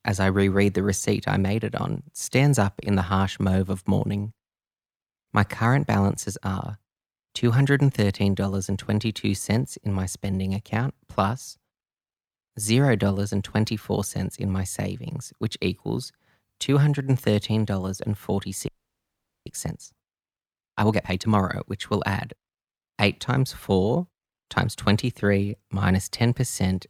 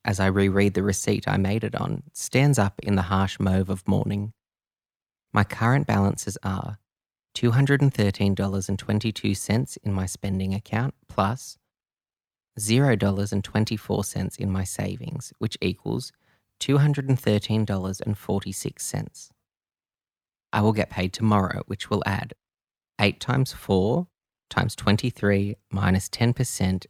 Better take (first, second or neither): second